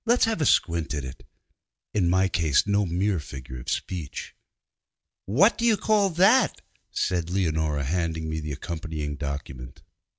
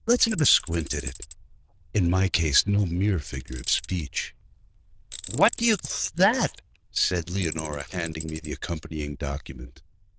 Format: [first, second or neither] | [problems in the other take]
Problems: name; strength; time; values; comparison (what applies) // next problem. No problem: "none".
first | noise reduction (neural diffusion model UNIVERSE++)